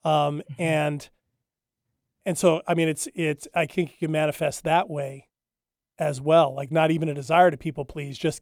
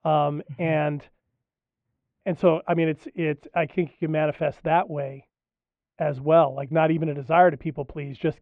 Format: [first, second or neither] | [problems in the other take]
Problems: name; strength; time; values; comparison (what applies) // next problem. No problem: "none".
first | muffled; very; fading above 2.5 kHz